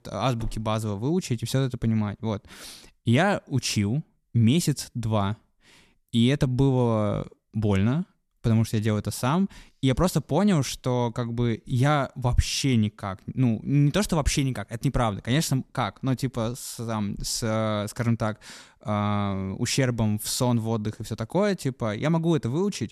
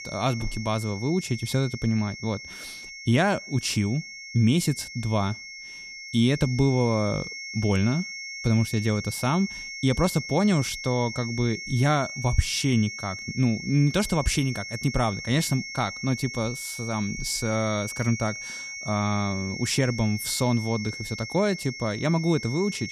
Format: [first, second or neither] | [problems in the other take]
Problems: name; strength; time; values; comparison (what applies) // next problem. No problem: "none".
first | high-pitched whine; loud; throughout; 2 kHz, 9 dB below the speech